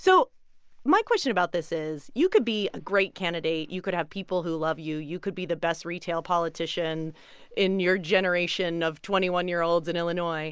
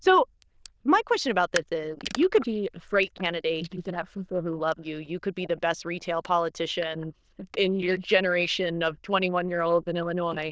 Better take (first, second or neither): first